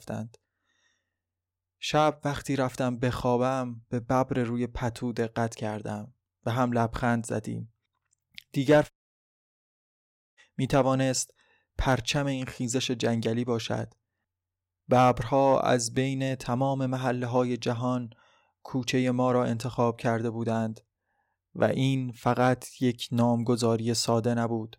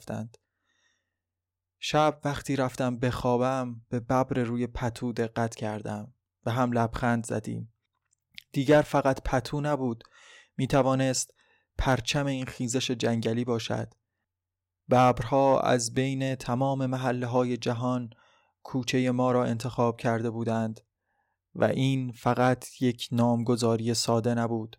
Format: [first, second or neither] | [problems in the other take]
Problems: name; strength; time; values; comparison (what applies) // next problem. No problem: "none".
second | audio cutting out; at 9 s for 1.5 s